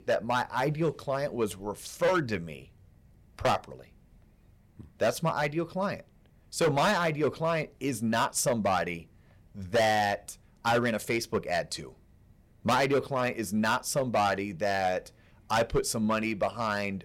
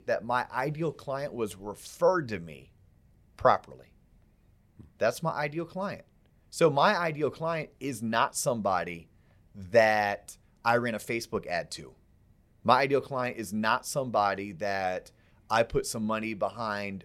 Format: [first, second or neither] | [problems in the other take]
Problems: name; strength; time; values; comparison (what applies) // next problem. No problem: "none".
second | distortion; heavy; 6% of the sound clipped